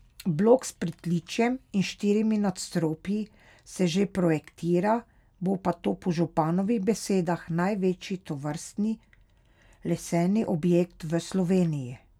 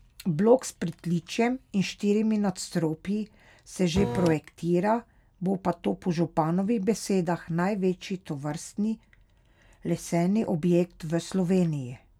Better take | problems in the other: first | background sound (Printer); 3 dB below the speech

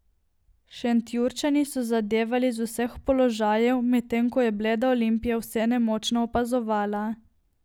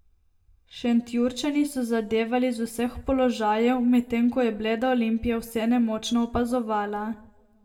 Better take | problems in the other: first | room echo; dies away in 0.6 s

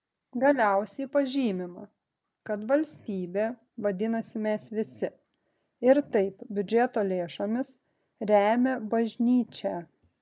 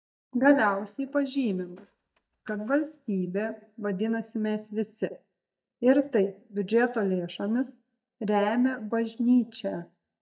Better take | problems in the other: first | noise reduction (neural mask model DeepFilterNet 3)

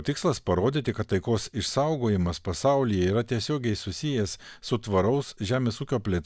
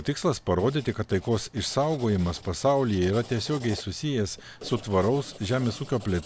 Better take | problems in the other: first | background sound (Writing); 20 dB below the speech

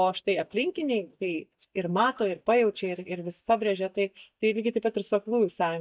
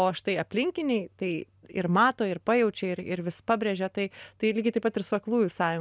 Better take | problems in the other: second | noise reduction (neural mask model DeepFilterNet 3)

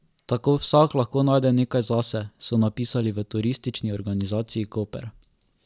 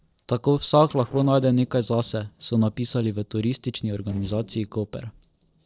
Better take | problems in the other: first | noise reduction (neural separator model SepFormer DNS4)

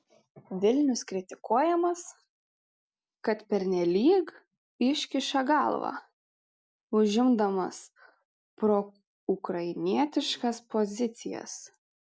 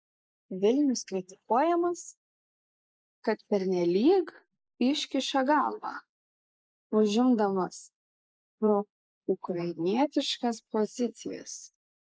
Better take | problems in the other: first | noise reduction (neural mask model Resemble Enhance denoiser)

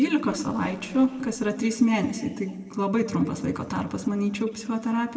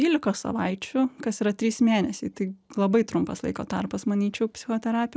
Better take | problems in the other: second | noise reduction (neural separator model SepFormer DNS4)

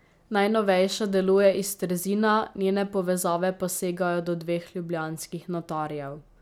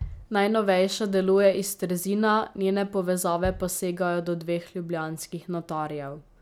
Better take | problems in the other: first | background sound (Bass drum); 17 dB below the speech

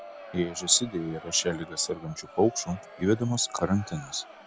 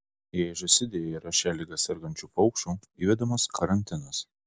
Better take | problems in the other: second | background sound (Crowd); 17 dB below the speech

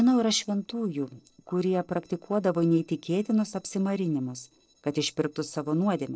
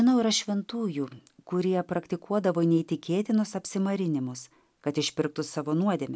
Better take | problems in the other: second | noise reduction (neural separator model SepFormer DNS4)

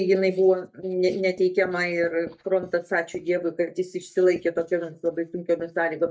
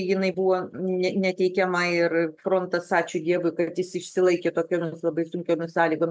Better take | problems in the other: second | noise reduction (neural mask model DeepFilterNet 3)

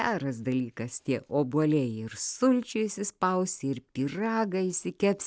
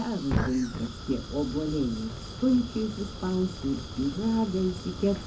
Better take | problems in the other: first | background sound (Fire); 7 dB below the speech // room echo; dies away in 0.4 s

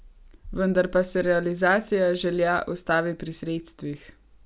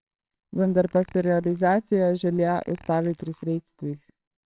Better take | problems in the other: first | noise reduction (neural separator model SepFormer WHAMR!)

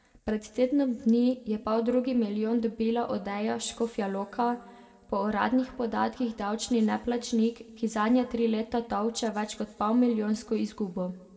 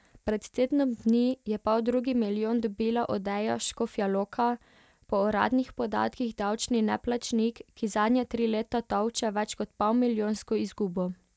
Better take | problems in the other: second | room echo; dies away in 1.2 s

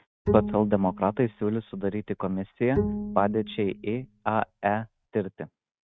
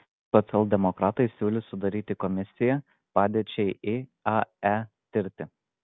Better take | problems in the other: second | noise reduction (neural mask model RNNoise)

